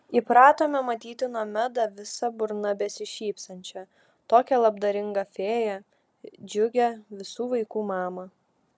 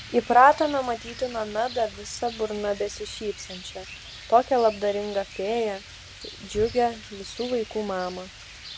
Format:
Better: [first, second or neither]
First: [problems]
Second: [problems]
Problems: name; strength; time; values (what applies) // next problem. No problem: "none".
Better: first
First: none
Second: background sound (Rain); 16 dB below the speech